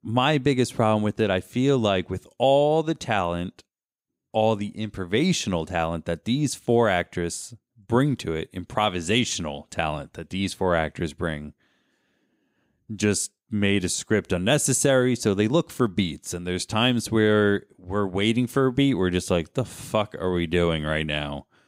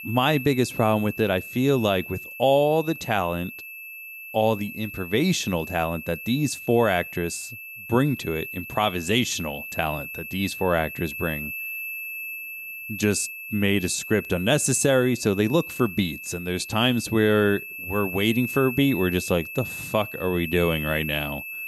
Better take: first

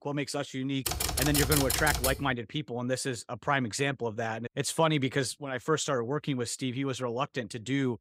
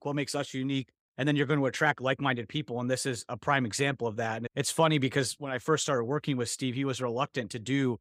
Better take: second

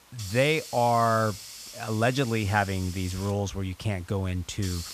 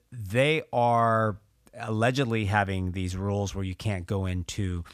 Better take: second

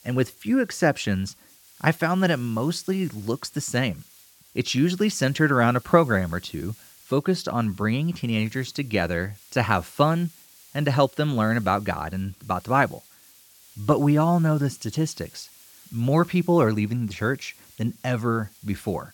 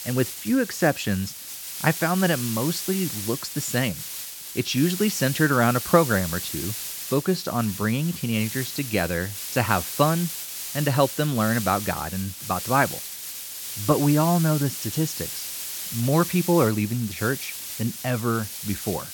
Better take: first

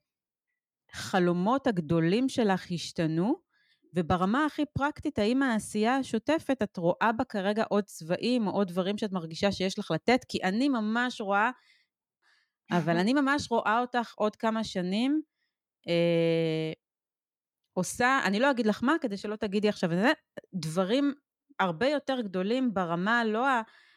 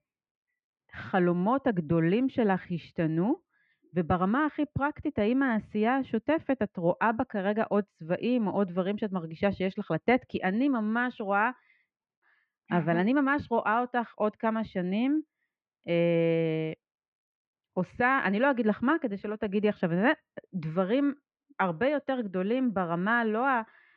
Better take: first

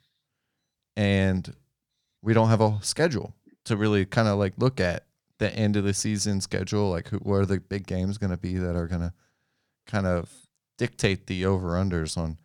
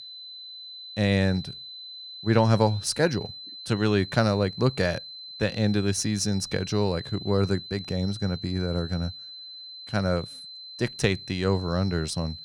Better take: first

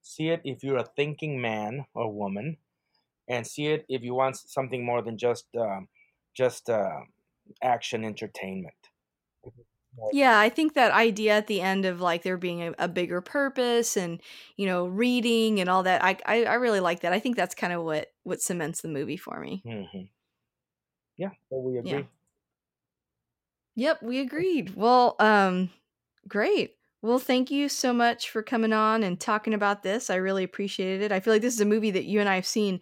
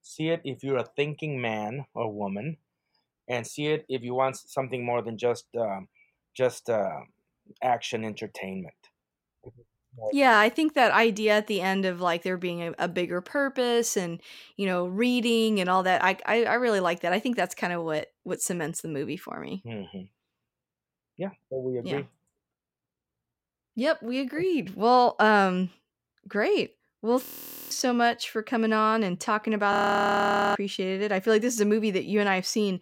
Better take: first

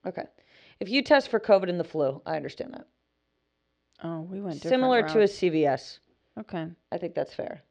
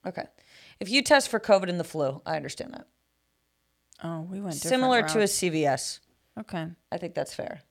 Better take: second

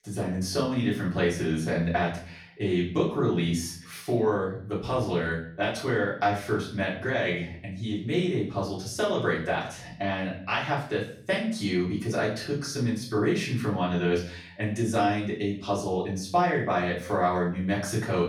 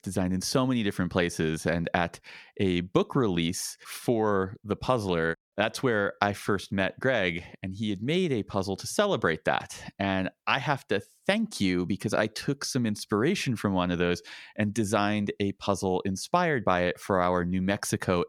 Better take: second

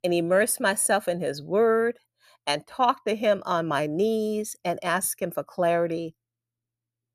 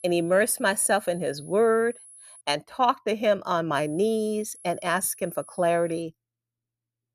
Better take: first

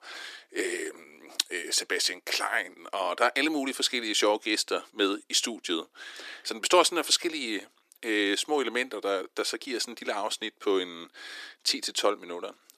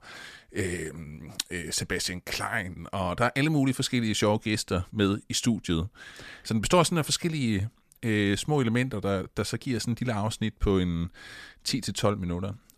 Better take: second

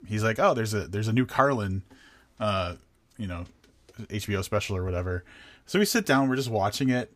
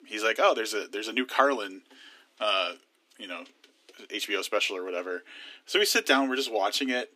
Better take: first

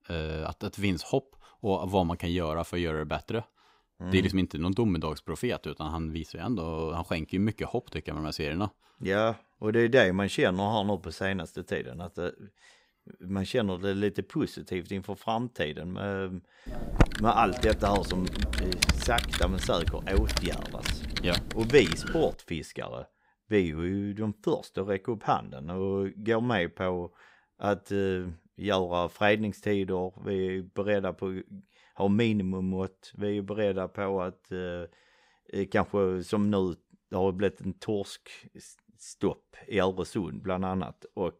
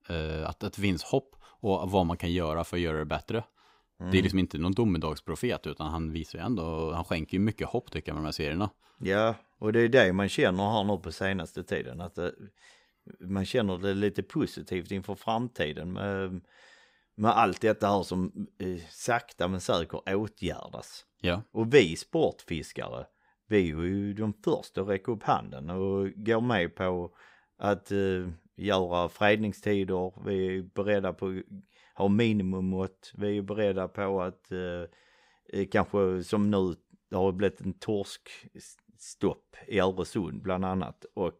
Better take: second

